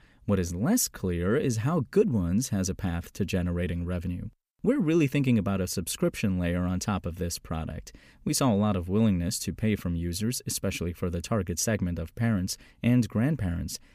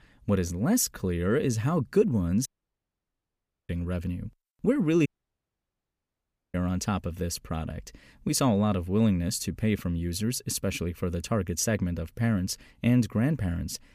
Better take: first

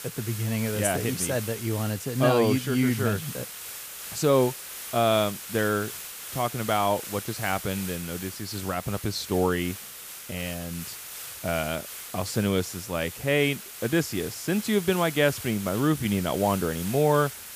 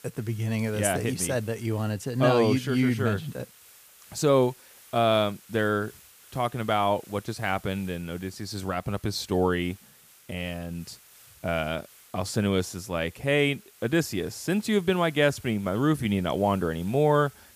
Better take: second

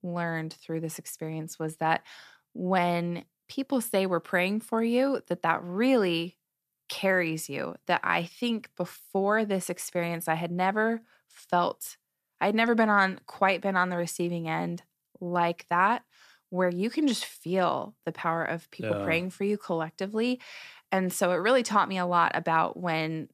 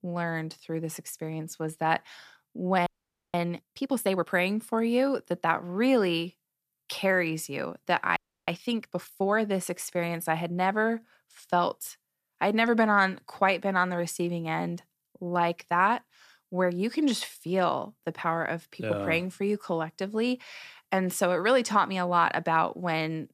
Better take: first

